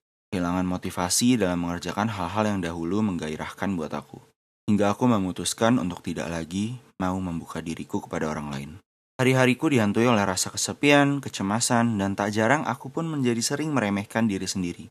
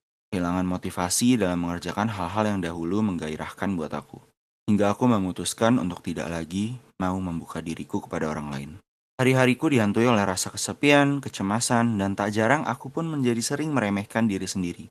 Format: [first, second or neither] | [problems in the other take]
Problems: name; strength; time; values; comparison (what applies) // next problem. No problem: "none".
first | garbled, watery; slightly; nothing above 13.5 kHz